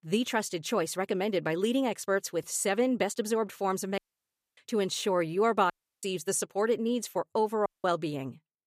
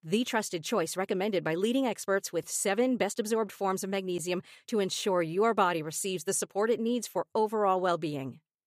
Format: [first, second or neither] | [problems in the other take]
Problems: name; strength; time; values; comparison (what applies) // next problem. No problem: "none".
second | audio cutting out; at 4 s for 0.5 s, at 5.5 s and at 7.5 s